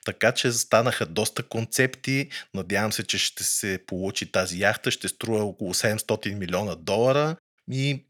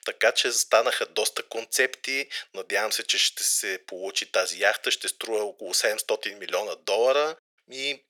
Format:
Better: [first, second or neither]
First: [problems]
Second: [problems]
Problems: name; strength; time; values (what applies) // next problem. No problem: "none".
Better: first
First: none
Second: thin; very; fading below 450 Hz